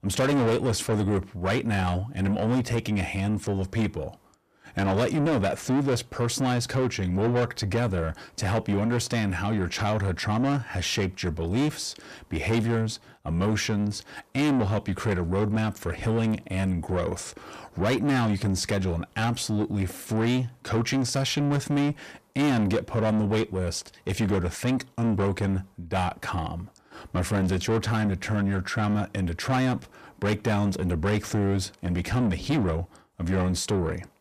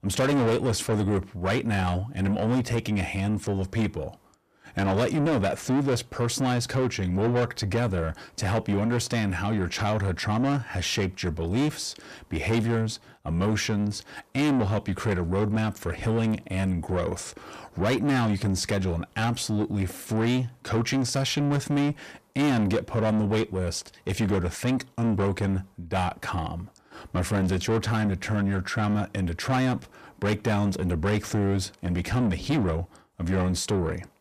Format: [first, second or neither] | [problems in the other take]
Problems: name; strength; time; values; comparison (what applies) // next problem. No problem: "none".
neither | distortion; heavy; 8 dB below the speech; the same in both